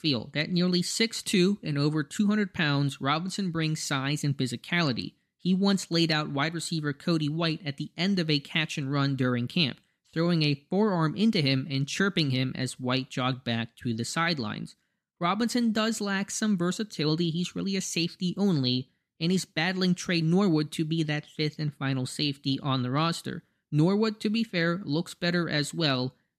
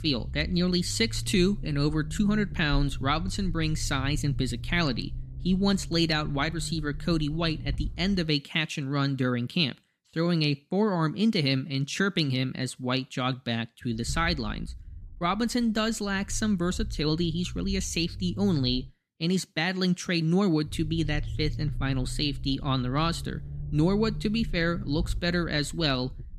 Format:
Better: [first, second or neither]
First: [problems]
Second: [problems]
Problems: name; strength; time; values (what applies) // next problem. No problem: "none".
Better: first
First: none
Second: low rumble; faint; until 8.5 s, from 14 to 19 s and from 21 s on; 20 dB below the speech